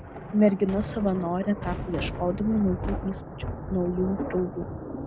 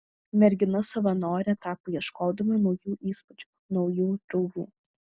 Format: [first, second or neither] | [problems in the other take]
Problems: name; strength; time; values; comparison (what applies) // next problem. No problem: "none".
second | background sound (Thunder); 7 dB below the speech